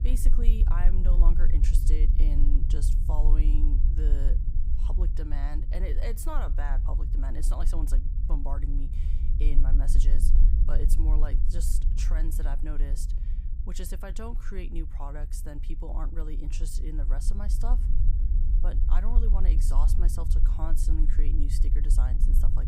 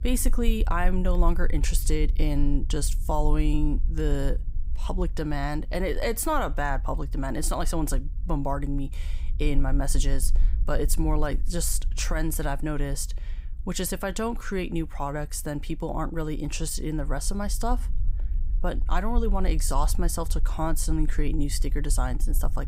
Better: second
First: low rumble; loud; throughout; 6 dB below the speech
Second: low rumble; faint; throughout; 25 dB below the speech

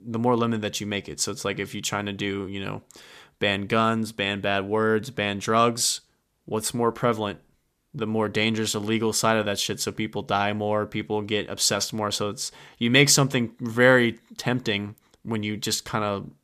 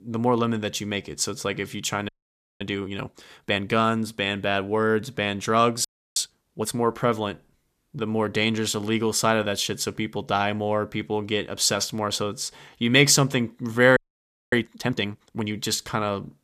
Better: first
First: none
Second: audio freezing; at 2 s for 0.5 s, at 6 s and at 14 s for 0.5 s

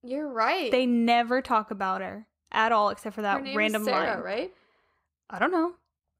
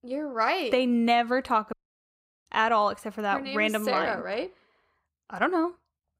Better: first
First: none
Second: audio cutting out; at 1.5 s for 0.5 s

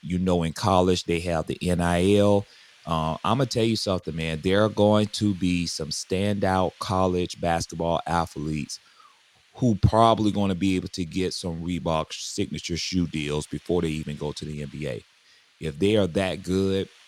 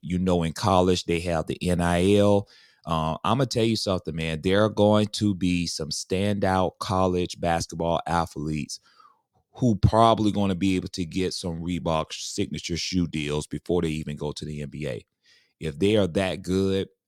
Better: second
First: hiss; faint; throughout; 30 dB below the speech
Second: none

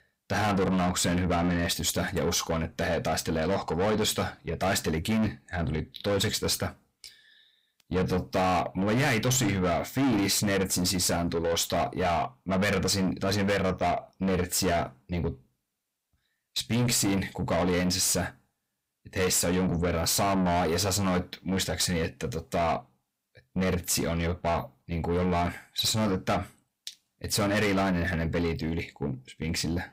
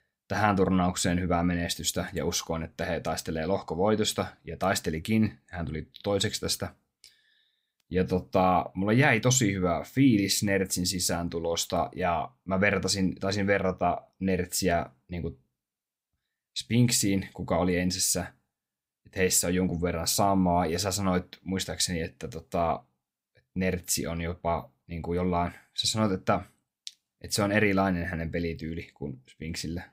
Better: second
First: distortion; heavy; 7 dB below the speech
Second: none

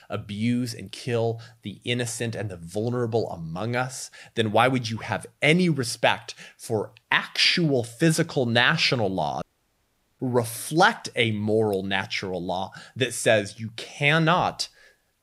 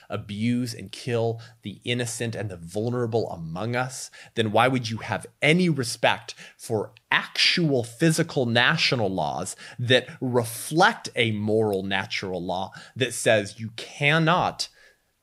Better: second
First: audio cutting out; at 9.5 s for 1 s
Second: none

